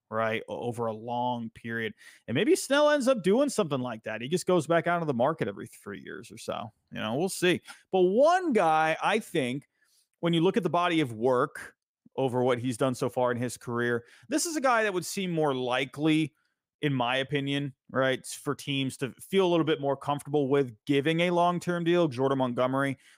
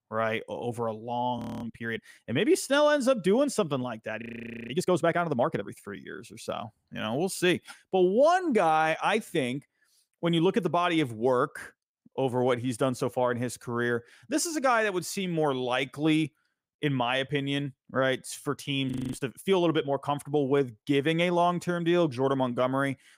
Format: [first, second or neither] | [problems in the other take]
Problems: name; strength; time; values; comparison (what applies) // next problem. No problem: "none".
first | audio freezing; at 1.5 s, at 4 s and at 19 s